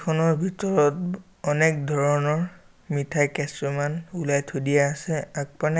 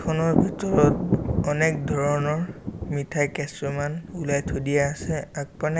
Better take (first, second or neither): first